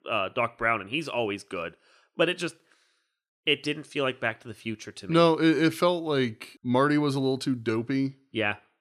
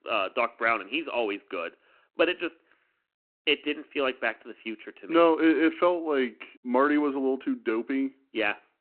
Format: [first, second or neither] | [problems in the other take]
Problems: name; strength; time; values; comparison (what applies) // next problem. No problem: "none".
first | phone-call audio